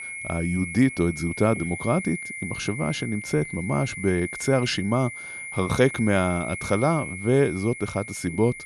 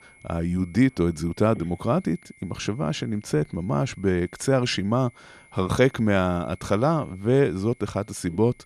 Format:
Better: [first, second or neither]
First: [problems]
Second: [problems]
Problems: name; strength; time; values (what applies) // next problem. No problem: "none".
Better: second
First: high-pitched whine; loud; throughout; 2 kHz, 9 dB below the speech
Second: high-pitched whine; faint; throughout; 2 kHz, 30 dB below the speech